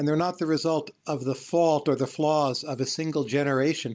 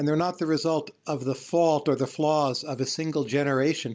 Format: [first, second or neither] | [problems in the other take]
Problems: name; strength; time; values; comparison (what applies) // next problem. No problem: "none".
second | noise reduction (neural mask model Resemble Enhance denoiser)